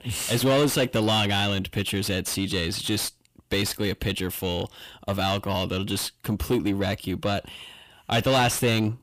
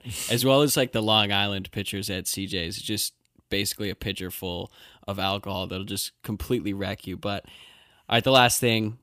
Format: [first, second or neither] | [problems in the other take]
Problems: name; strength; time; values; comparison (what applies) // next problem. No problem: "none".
second | distortion; heavy; 6 dB below the speech